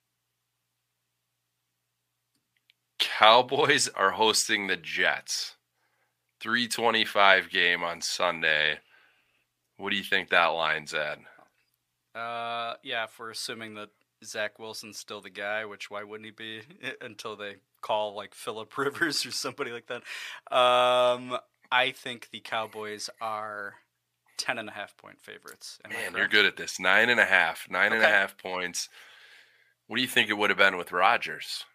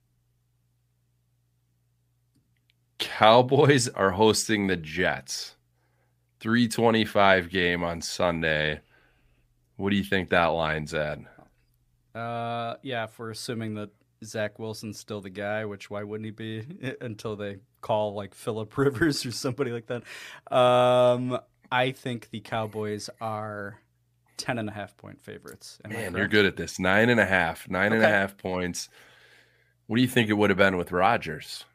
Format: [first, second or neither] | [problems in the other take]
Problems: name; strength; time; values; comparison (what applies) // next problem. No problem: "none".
second | thin; somewhat; fading below 850 Hz